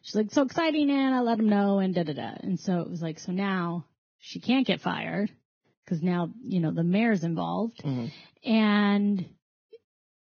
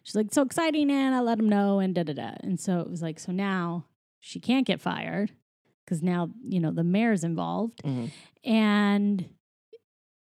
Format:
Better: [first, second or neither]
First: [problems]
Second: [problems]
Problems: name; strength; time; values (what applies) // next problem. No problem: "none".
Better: second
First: garbled, watery; badly; nothing above 6.5 kHz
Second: none